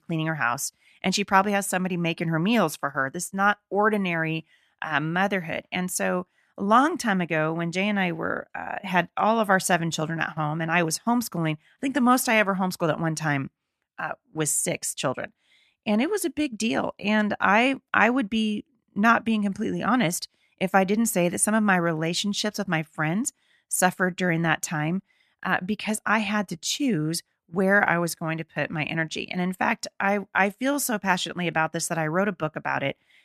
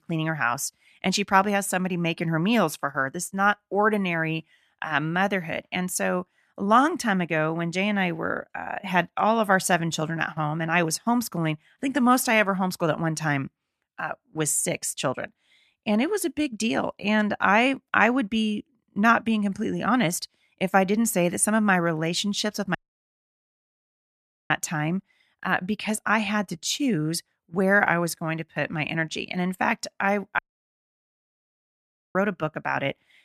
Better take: first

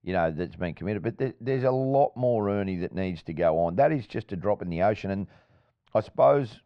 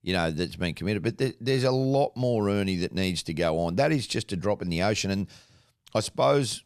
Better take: second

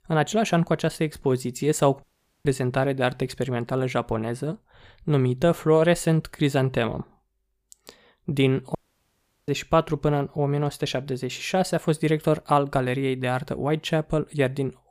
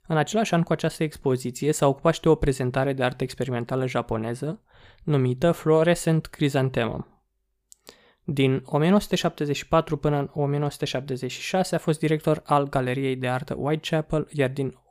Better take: second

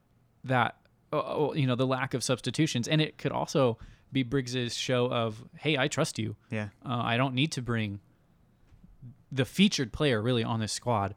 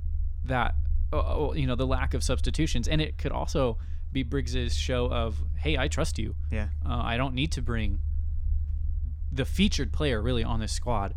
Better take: first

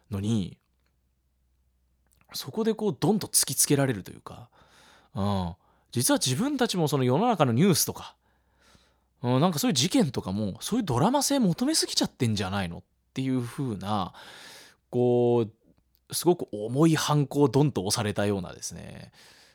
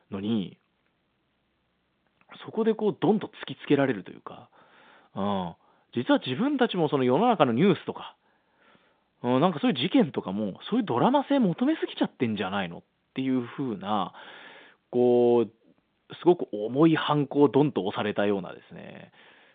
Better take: first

